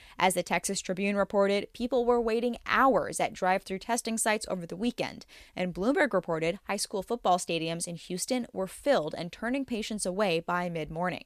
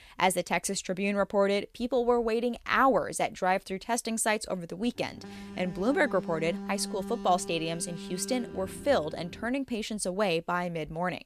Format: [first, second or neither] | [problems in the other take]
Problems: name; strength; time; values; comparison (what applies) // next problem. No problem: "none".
first | alarm; noticeable; from 5 to 9.5 s; peak 9 dB below the speech